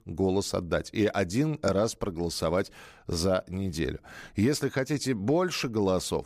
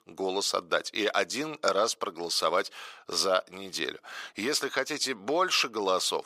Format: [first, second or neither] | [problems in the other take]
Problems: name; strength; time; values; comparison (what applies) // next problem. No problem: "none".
first | thin; somewhat; fading below 500 Hz